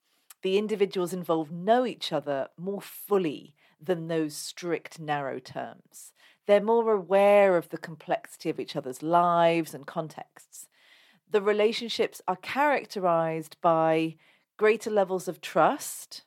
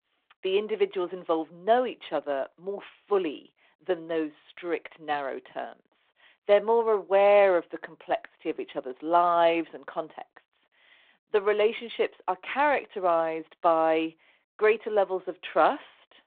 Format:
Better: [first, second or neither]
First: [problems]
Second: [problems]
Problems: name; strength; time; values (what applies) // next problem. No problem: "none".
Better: first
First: none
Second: phone-call audio